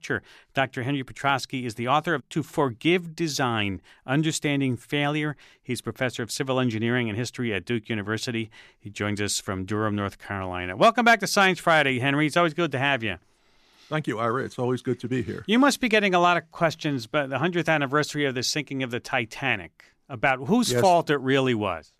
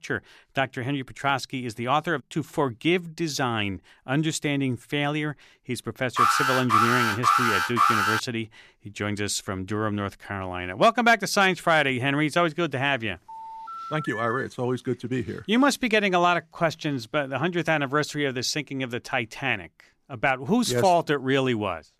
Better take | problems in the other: first | alarm; loud; from 6 to 8 s; peak 5 dB above the speech // phone ringing; noticeable; from 13 to 14 s; peak 8 dB below the speech

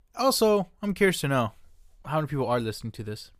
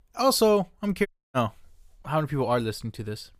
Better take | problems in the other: first | audio cutting out; at 1 s

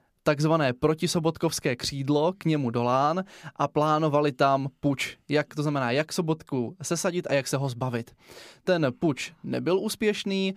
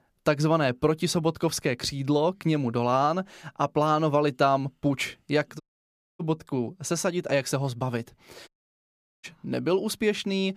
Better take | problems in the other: first | audio cutting out; at 5.5 s for 0.5 s and at 8.5 s for 1 s

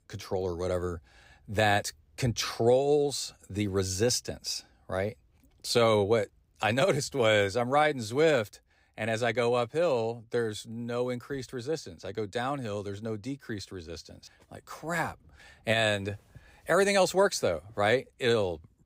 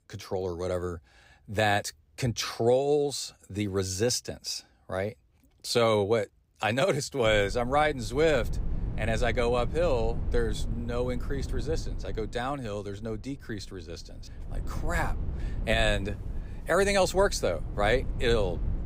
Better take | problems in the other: first | low rumble; faint; from 7 s on; 20 dB below the speech

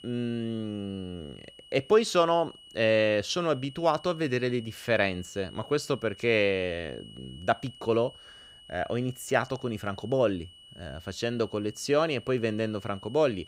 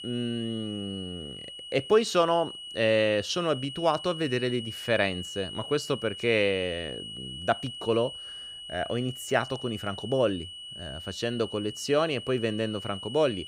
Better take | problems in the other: first | high-pitched whine; loud; throughout; 3 kHz, 10 dB below the speech; faint in the first

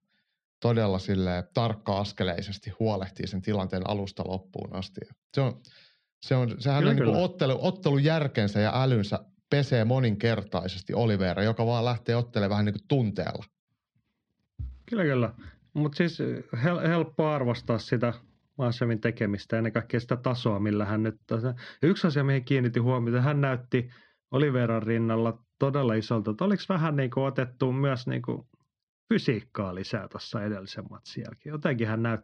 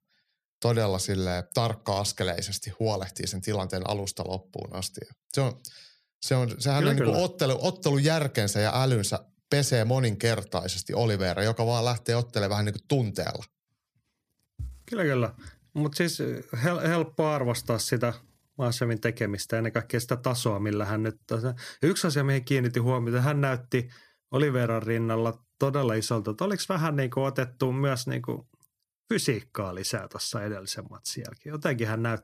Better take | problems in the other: second | muffled; slightly; fading above 4 kHz

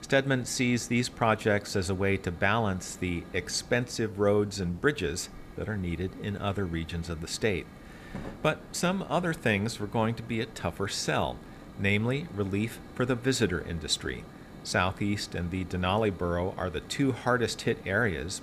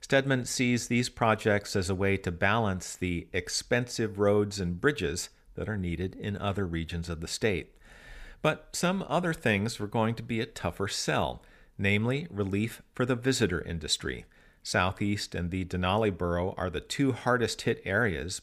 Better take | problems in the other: second | hiss; noticeable; throughout; 20 dB below the speech

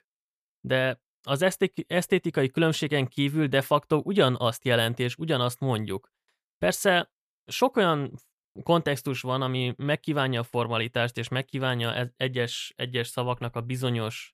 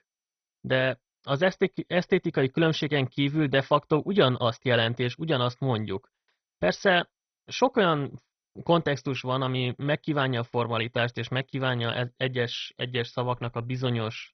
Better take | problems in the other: first | garbled, watery; badly; nothing above 6 kHz

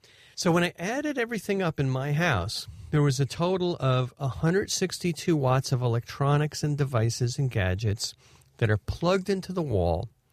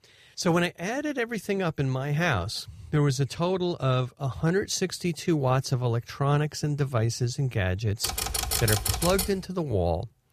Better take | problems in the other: first | keyboard typing; loud; from 8 to 9.5 s; peak 2 dB above the speech

